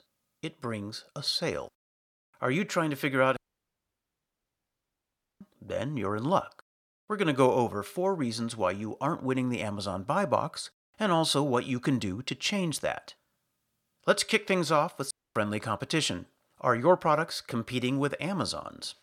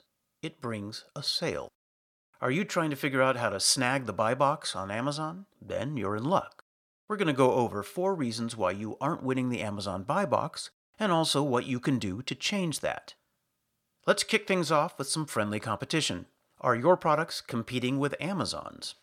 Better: second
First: audio cutting out; at 3.5 s for 2 s and at 15 s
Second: none

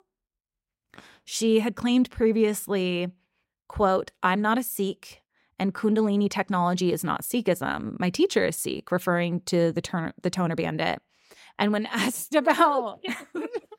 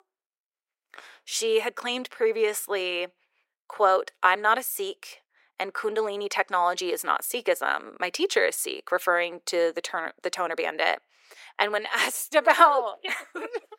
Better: first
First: none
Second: thin; very; fading below 400 Hz

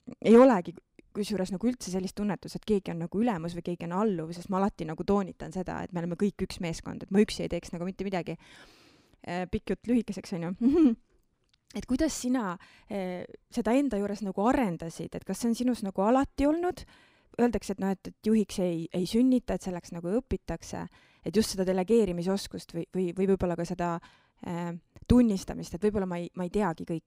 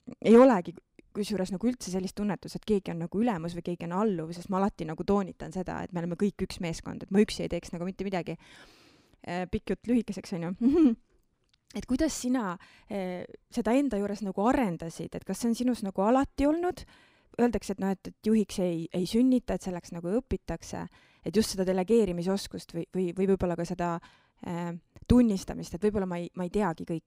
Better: neither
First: none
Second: none

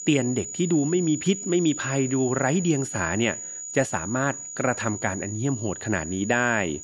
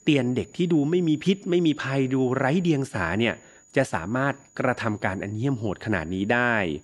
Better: second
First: high-pitched whine; loud; throughout; 7 kHz, 8 dB below the speech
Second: high-pitched whine; faint; throughout; 7 kHz, 30 dB below the speech

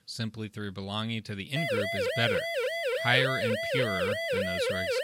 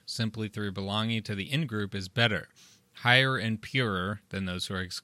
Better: second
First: siren; loud; from 1.5 s on; peak 3 dB above the speech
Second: none

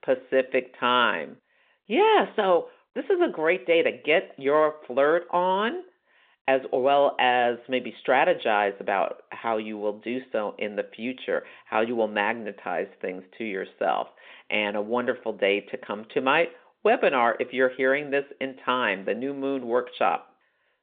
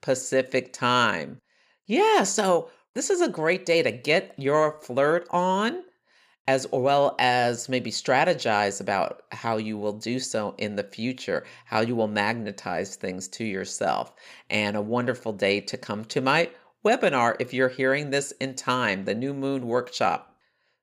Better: second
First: phone-call audio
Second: none

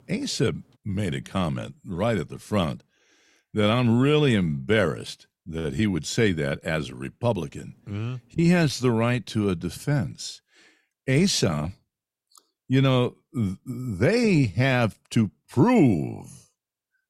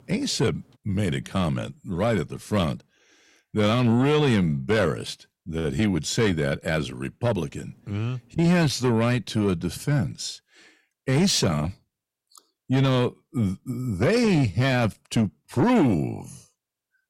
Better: first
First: none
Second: distortion; slight; 10 dB below the speech

